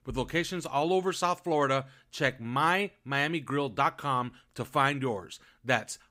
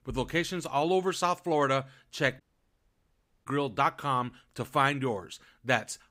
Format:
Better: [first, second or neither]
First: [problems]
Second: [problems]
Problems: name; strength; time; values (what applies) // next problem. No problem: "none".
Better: first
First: none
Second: audio cutting out; at 2.5 s for 1 s